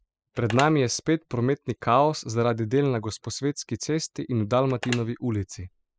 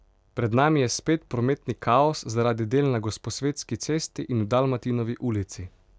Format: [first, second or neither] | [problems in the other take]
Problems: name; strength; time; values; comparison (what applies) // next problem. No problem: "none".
second | noise reduction (classical method spectral subtraction)